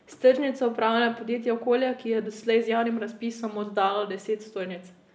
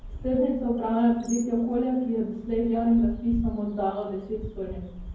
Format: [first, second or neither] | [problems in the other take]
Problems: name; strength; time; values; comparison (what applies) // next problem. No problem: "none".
first | background sound (Bird); 13 dB below the speech // room echo; dies away in 0.9 s